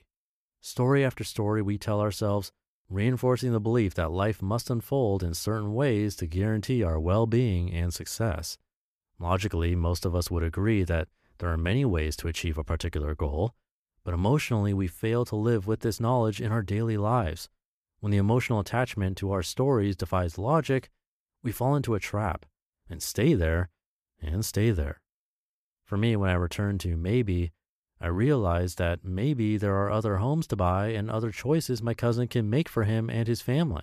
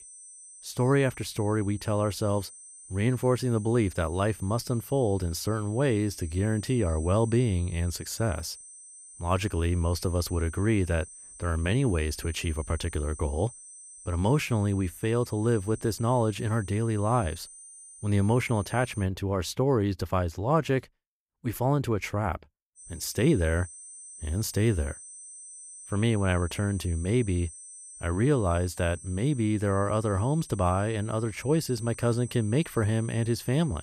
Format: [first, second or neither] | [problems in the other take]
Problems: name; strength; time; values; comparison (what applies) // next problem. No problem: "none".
first | high-pitched whine; noticeable; until 19 s and from 23 s on; 8.5 kHz, 15 dB below the speech